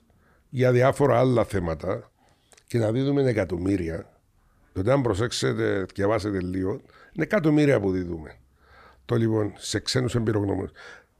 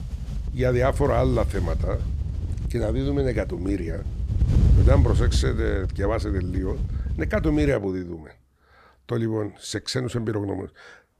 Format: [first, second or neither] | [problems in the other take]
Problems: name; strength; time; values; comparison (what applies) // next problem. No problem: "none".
first | wind noise on the microphone; occasional gusts; until 7.5 s; 15 dB below the speech